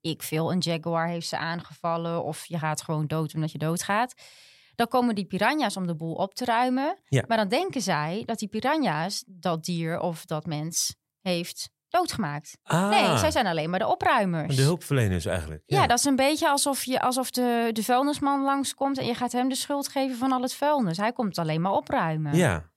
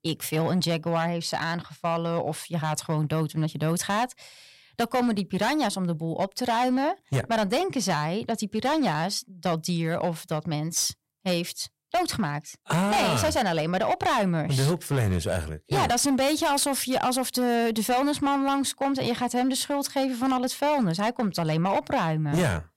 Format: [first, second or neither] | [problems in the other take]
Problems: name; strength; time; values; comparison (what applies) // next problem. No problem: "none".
first | distortion; slight; 11% of the sound clipped